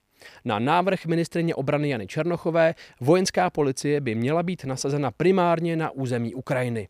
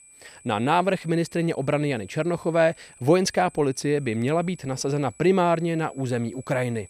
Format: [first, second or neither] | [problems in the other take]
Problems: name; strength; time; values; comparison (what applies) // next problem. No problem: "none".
first | high-pitched whine; faint; throughout; 8 kHz, 25 dB below the speech